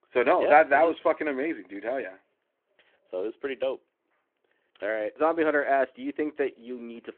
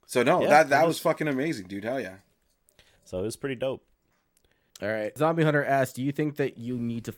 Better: second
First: phone-call audio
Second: none

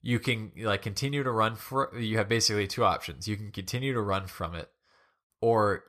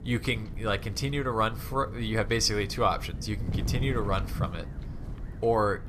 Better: first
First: none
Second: wind noise on the microphone; occasional gusts; 20 dB below the speech

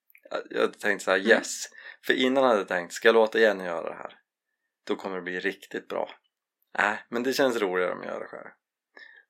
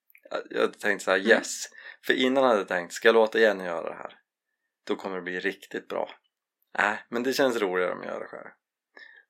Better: neither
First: thin; somewhat; fading below 450 Hz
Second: thin; somewhat; fading below 450 Hz

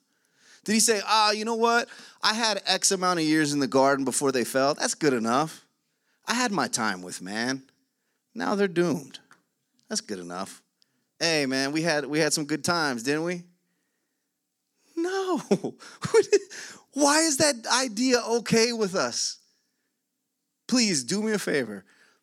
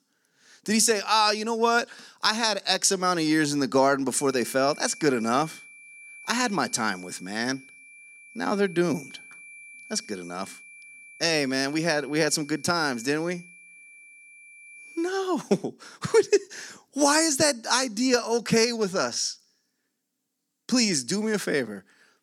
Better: first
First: none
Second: high-pitched whine; faint; from 4 to 15 s; 2.5 kHz, 20 dB below the speech

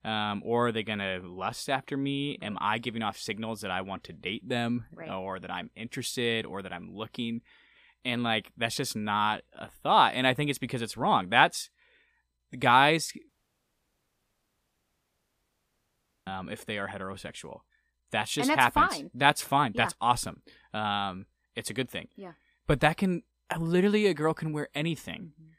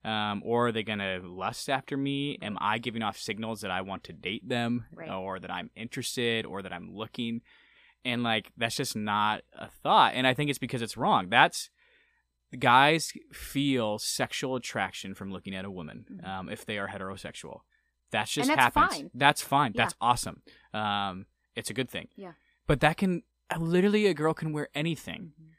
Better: second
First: audio cutting out; at 13 s for 3 s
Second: none

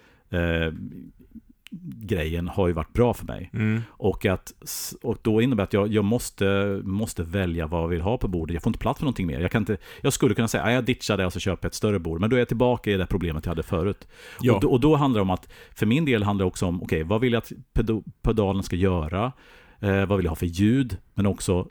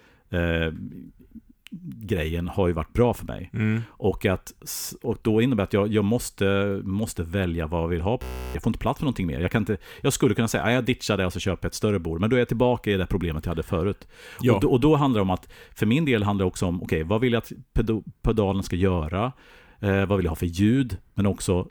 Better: first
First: none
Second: audio freezing; at 8 s

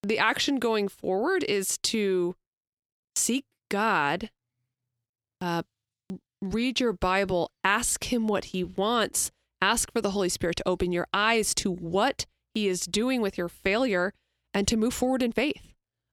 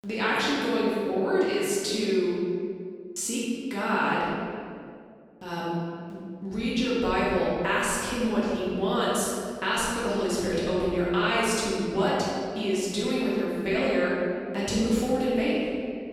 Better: first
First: none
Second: room echo; strong; dies away in 2.1 s // off-mic speech; far

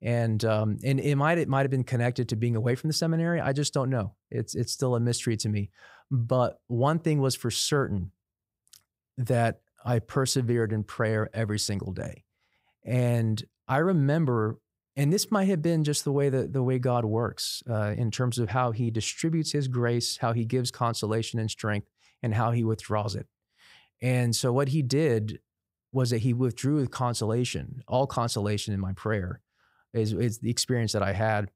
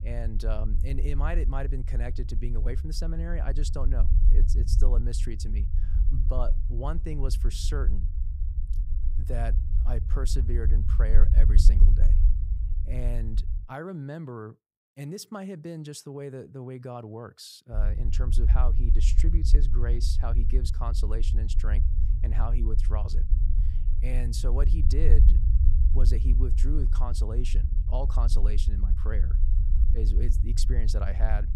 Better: first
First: none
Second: low rumble; loud; until 14 s and from 18 s on; 8 dB below the speech

